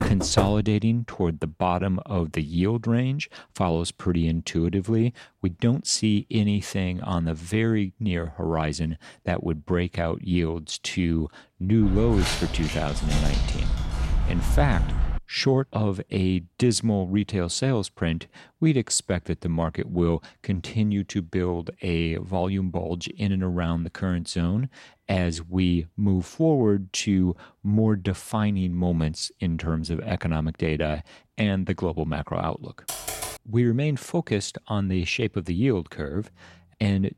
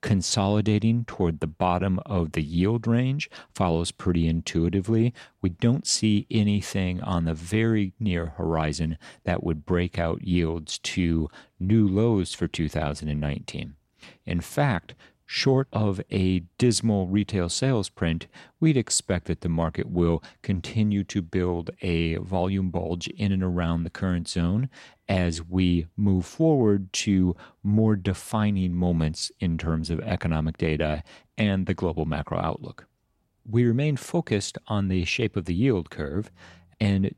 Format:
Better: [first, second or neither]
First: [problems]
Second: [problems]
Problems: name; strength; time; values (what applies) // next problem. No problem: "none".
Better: second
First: door banging; noticeable; at the start; peak 1 dB below the speech // footsteps; loud; from 12 to 15 s; peak level with the speech // keyboard typing; noticeable; at 33 s; peak 5 dB below the speech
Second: none